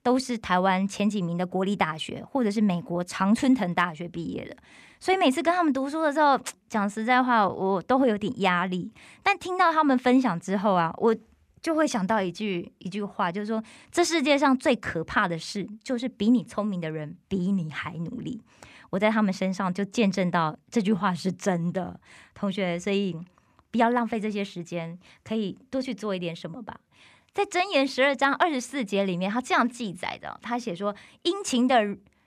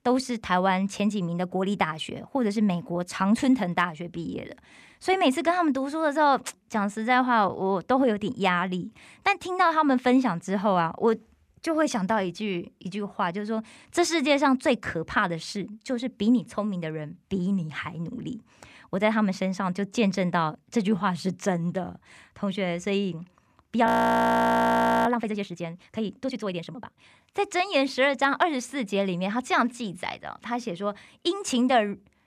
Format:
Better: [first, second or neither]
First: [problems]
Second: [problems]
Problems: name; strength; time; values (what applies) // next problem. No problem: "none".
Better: first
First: none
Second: audio freezing; at 24 s for 1 s